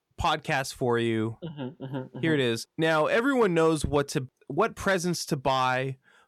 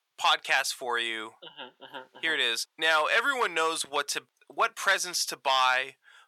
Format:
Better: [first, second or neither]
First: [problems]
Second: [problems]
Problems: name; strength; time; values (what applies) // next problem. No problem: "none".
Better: first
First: none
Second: thin; very; fading below 1 kHz